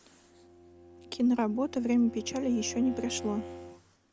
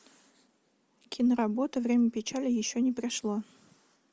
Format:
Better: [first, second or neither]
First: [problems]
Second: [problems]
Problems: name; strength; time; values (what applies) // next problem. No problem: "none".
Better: second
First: background sound (Bowed string instrument); 13 dB below the speech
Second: none